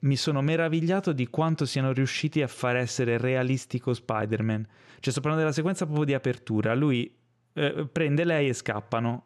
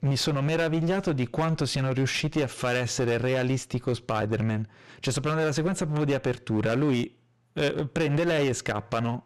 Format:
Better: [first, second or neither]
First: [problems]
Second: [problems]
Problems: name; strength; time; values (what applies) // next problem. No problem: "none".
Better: first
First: none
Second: distortion; heavy; 15% of the sound clipped